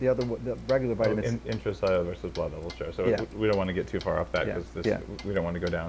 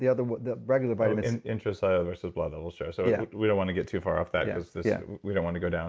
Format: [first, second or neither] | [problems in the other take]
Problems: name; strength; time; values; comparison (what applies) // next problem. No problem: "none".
second | background sound (Clock); 15 dB below the speech